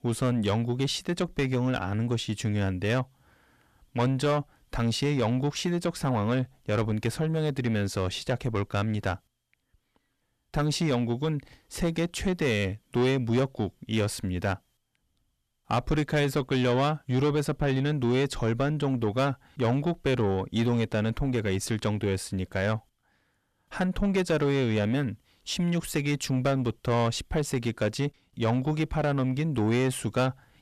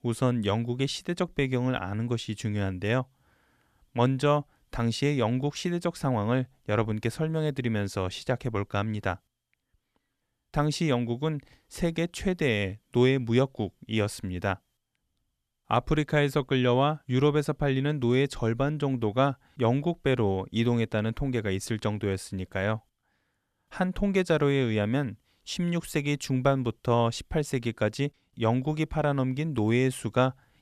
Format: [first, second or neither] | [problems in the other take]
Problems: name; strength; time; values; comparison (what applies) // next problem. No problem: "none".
second | distortion; slight; 10 dB below the speech